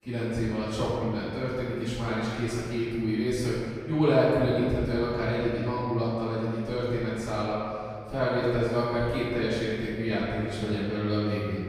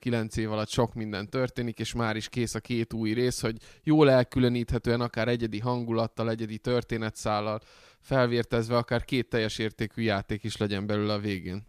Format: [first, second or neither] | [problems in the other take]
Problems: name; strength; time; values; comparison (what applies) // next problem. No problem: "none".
second | room echo; strong; dies away in 2.3 s // off-mic speech; far